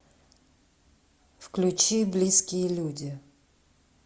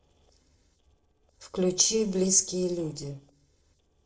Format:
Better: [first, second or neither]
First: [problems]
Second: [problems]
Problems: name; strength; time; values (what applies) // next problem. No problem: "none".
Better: first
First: none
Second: noise reduction (neural separator model SepFormer DNS4)